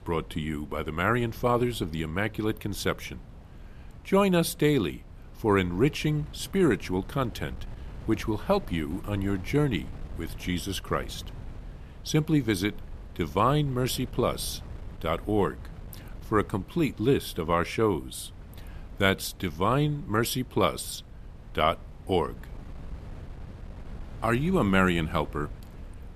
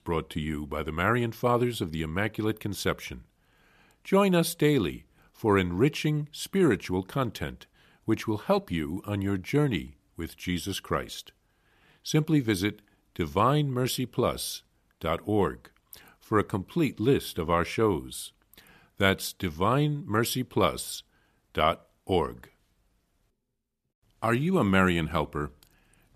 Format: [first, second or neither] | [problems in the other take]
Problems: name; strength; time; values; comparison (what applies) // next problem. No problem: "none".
second | wind noise on the microphone; occasional gusts; 25 dB below the speech